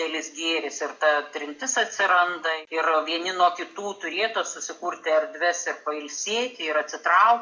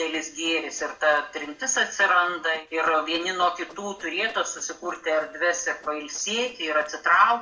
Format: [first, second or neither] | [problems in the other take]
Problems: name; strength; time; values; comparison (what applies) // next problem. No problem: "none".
first | noise reduction (neural separator model SepFormer DNS4)